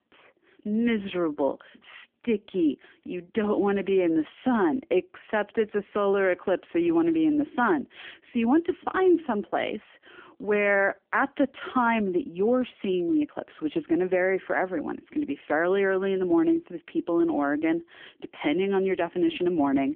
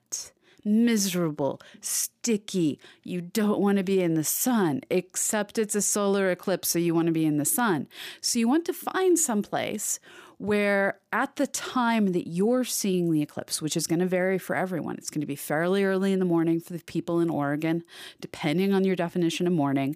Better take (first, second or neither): second